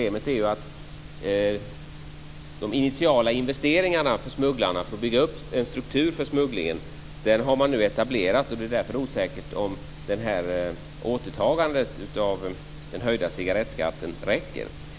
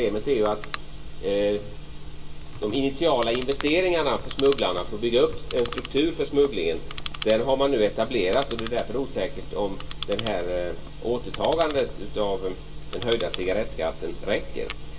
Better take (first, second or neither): first